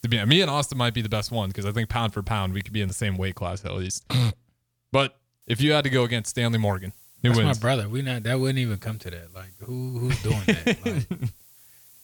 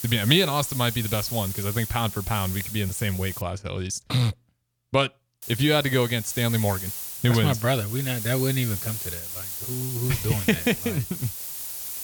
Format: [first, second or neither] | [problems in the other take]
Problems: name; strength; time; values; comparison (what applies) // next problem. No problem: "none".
first | hiss; loud; until 3.5 s and from 5.5 s on; 6 dB below the speech; faint in the first